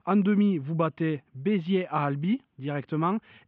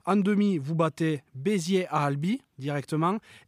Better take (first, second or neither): second